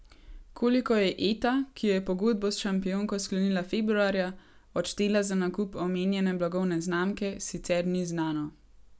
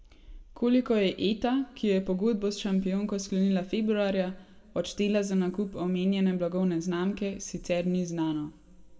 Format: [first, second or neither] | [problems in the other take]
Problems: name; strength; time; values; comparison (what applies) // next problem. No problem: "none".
first | room echo; dies away in 1.4 s